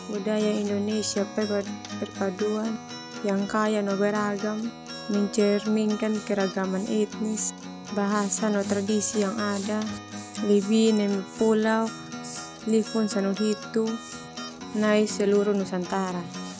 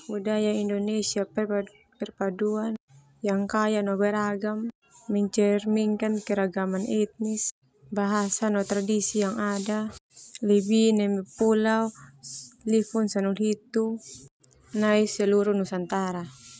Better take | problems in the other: second | background sound (Acoustic guitar); 11 dB below the speech

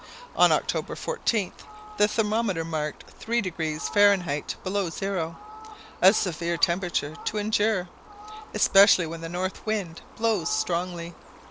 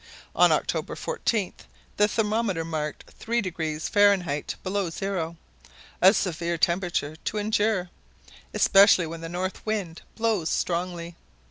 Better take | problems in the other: second | background sound (Fowl); 19 dB below the speech

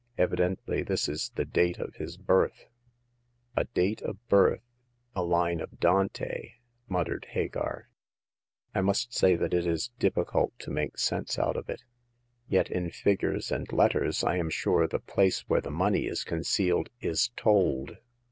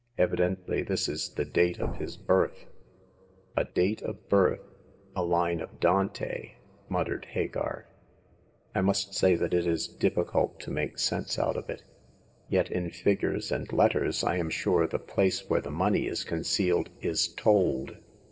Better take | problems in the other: first | background sound (Thump, thud); 8 dB below the speech // room echo; dies away in 0.8 s

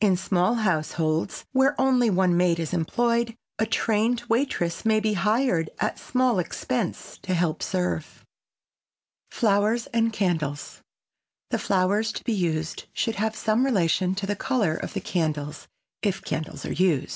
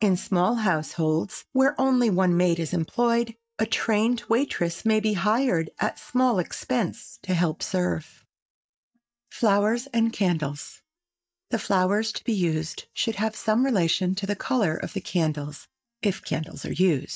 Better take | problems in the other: first | noise reduction (neural mask model DeepFilterNet 3)

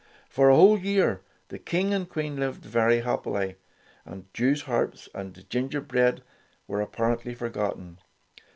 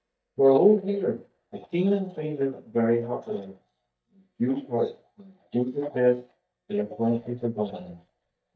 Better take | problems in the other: first | noise reduction (neural mask model DeepFilterNet 3)

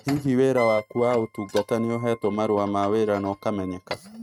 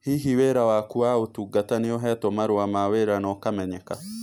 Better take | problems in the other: second | noise reduction (neural mask model RNNoise)

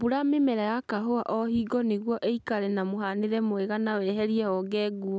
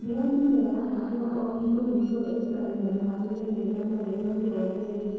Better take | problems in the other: first | noise reduction (neural separator model SepFormer DNS4)

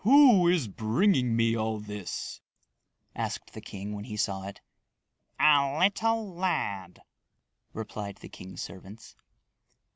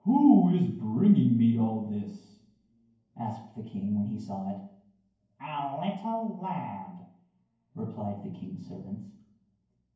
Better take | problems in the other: first | room echo; dies away in 0.9 s

